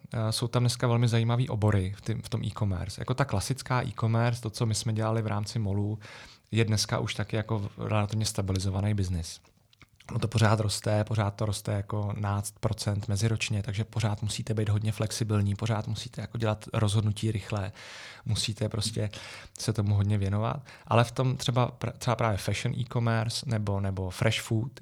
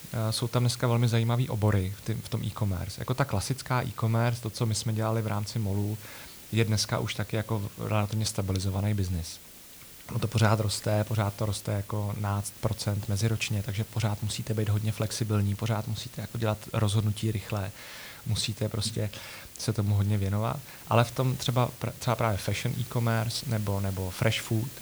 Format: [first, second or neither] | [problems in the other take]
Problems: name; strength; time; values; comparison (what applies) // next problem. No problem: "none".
first | hiss; noticeable; throughout; 15 dB below the speech